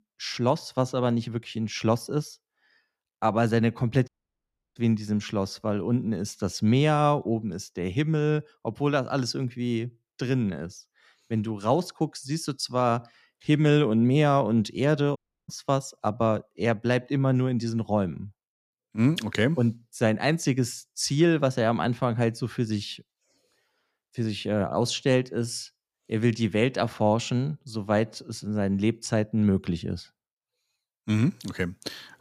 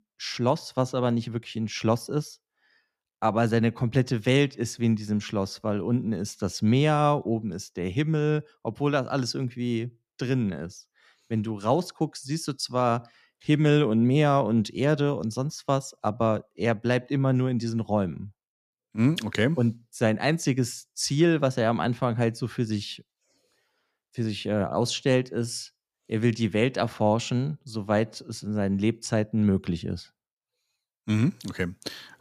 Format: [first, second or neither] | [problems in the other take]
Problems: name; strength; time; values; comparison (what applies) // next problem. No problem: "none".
second | audio cutting out; at 4 s for 0.5 s and at 15 s